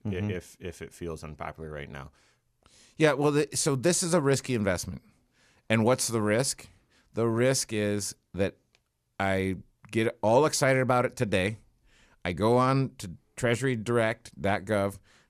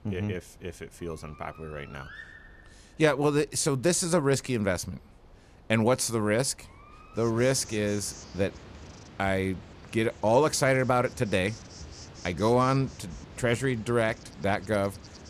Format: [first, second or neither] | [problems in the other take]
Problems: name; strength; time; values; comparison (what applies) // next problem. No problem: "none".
first | animal sounds; faint; throughout; 20 dB below the speech